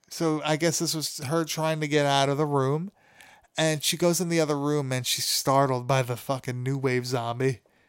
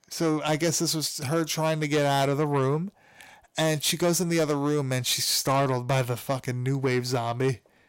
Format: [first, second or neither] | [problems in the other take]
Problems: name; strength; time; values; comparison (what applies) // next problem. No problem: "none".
first | distortion; slight; 10 dB below the speech